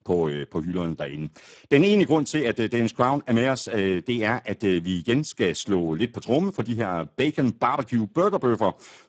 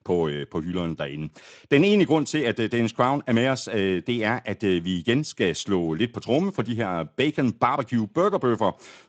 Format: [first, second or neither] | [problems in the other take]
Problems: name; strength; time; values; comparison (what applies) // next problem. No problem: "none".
second | garbled, watery; badly; nothing above 8 kHz; slightly in the second